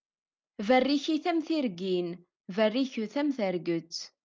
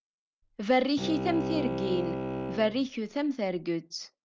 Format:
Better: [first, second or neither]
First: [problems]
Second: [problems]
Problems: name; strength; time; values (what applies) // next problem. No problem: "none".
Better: first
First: none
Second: background sound (Bowed string instrument); 5 dB below the speech